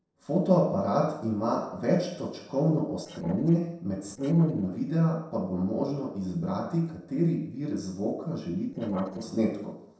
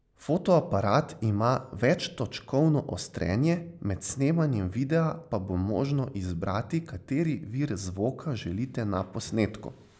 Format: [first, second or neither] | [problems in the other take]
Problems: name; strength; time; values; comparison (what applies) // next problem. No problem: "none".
second | noise reduction (neural separator model SepFormer DNS4)